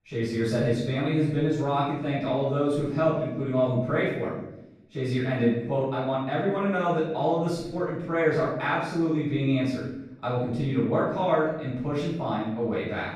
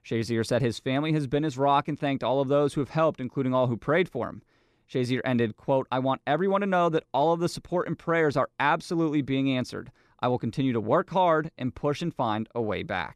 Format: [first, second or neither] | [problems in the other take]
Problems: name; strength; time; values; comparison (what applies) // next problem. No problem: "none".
second | off-mic speech; far // room echo; noticeable; dies away in 0.8 s